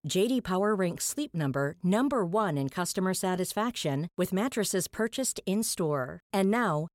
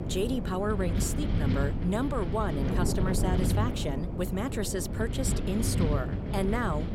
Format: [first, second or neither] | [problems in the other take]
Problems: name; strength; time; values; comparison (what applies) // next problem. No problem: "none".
first | wind noise on the microphone; heavy; 5 dB below the speech